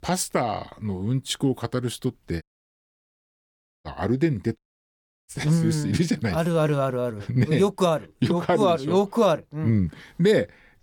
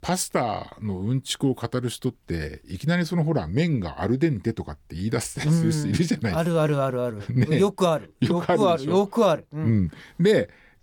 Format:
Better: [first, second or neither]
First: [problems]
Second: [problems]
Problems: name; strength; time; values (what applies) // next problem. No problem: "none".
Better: second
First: audio cutting out; at 2.5 s for 1.5 s and at 4.5 s for 0.5 s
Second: none